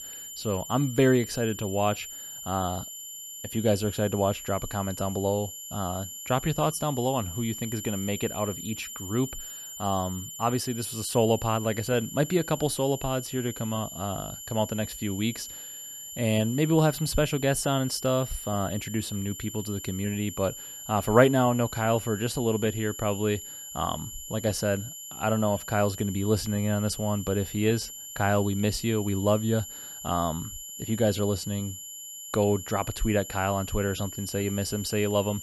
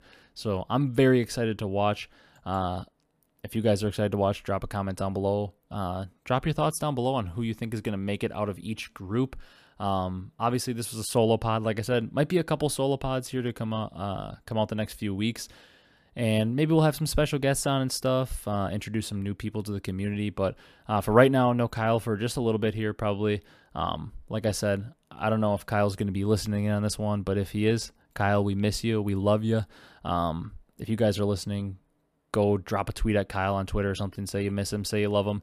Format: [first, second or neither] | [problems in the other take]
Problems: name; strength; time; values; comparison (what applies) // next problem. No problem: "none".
second | high-pitched whine; loud; throughout; 7 kHz, 10 dB below the speech